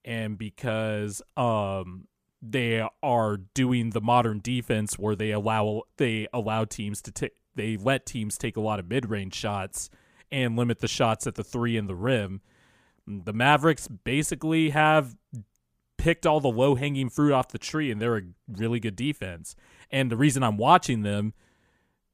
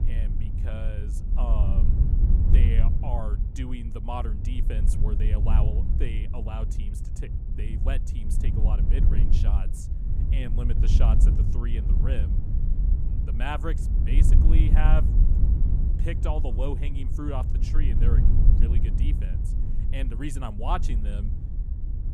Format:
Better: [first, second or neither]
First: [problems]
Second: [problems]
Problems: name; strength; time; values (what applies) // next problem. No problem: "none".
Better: first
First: none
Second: wind noise on the microphone; heavy; 4 dB below the speech